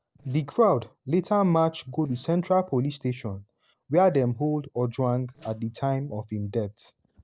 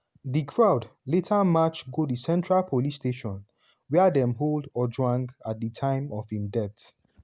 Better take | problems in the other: second | noise reduction (neural separator model SepFormer DNS4)

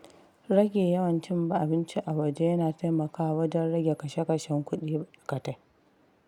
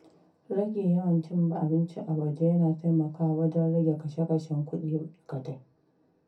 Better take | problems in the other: first | room echo; dies away in 0.3 s

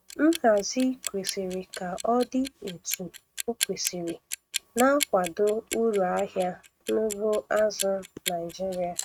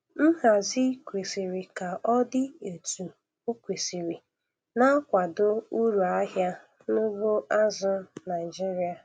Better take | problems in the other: second | noise reduction (neural mask model RNNoise)

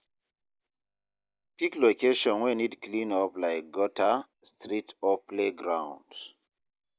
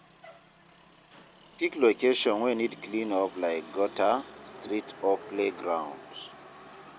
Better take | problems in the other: first | background sound (Motor vehicle (road)); 18 dB below the speech

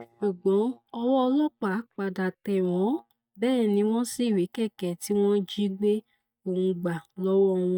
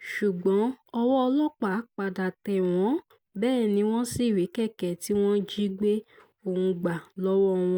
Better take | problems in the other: second | noise reduction (neural mask model DeepFilterNet 3)

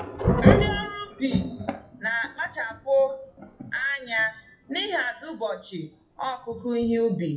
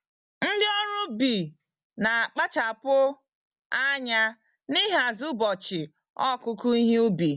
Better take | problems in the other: second | noise reduction (classical method WPE with log-MMSE)

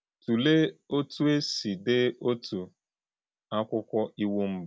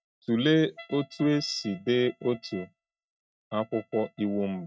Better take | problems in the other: first | noise reduction (neural mask model RNNoise)

